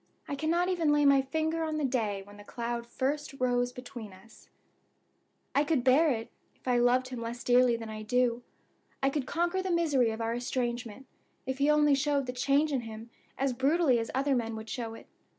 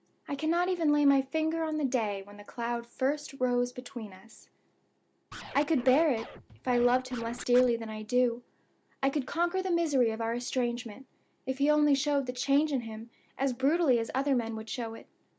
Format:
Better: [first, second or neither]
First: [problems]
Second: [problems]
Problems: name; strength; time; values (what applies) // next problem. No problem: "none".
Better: first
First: none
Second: background sound (Scratching (performance technique)); 16 dB below the speech